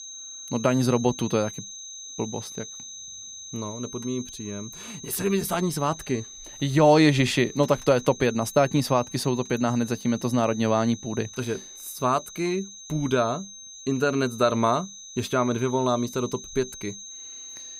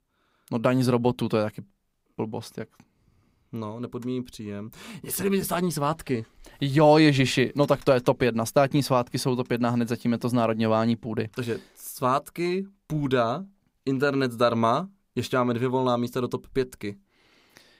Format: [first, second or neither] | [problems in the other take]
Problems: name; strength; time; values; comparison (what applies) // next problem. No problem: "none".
second | high-pitched whine; noticeable; throughout; 6.5 kHz, 15 dB below the speech